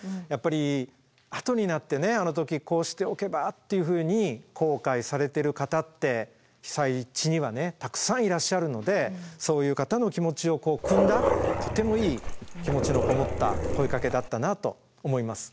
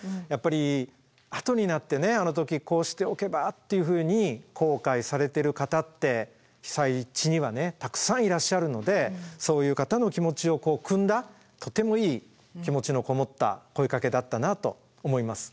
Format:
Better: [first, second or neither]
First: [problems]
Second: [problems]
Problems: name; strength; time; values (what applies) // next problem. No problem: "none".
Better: second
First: background sound (Dog); as loud as the speech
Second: none